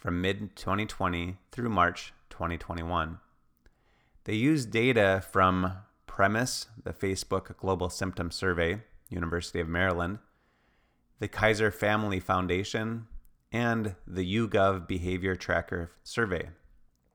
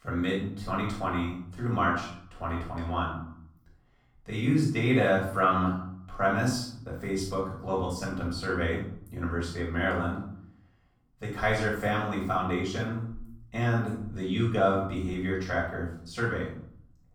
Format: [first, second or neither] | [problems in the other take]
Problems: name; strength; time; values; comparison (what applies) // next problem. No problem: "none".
first | off-mic speech; far // room echo; noticeable; dies away in 0.6 s